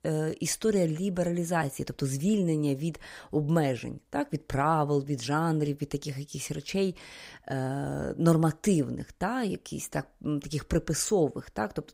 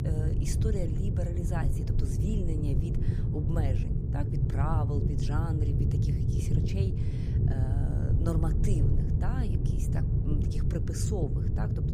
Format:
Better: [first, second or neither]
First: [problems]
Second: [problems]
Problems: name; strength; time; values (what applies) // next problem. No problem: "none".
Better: first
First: none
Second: low rumble; loud; throughout; as loud as the speech